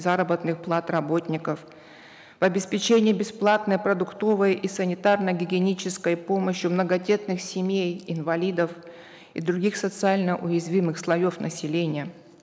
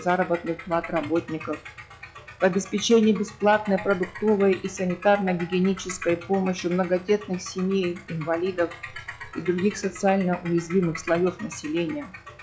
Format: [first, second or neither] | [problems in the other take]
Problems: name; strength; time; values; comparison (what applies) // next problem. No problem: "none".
first | noise reduction (classical method log-MMSE)